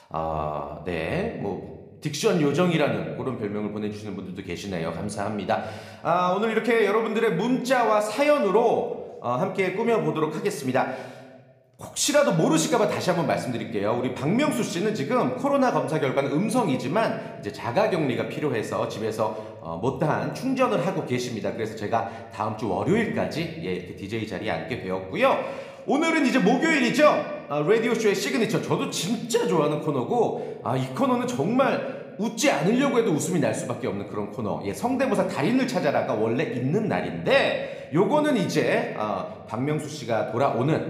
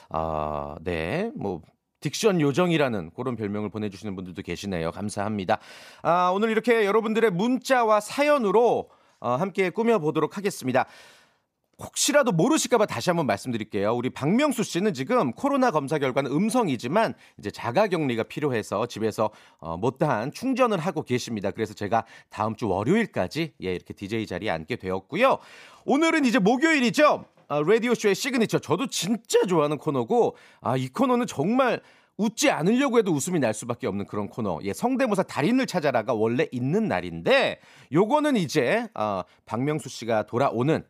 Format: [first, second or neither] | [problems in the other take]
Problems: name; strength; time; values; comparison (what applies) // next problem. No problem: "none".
second | room echo; slight; dies away in 0.9 s